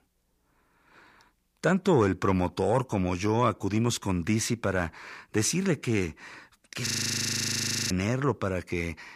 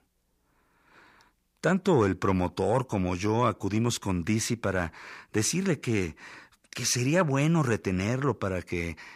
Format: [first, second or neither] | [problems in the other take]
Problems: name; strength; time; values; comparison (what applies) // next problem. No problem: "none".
second | audio freezing; at 7 s for 1 s